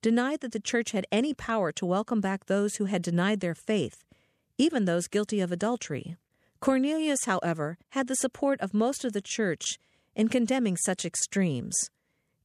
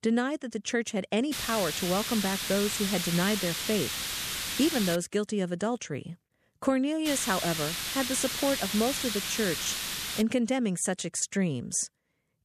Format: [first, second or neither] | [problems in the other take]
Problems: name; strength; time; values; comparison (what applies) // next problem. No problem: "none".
first | hiss; loud; from 1.5 to 5 s and from 7 to 10 s; 2 dB below the speech